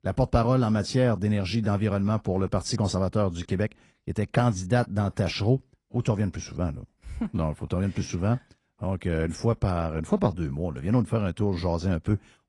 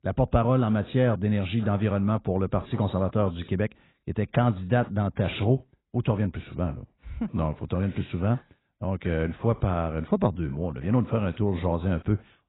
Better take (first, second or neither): first